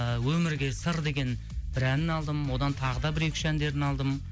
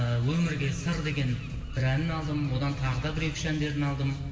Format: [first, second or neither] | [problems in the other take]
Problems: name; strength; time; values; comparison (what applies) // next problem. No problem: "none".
first | background sound (Bird); 18 dB below the speech // room echo; dies away in 2.3 s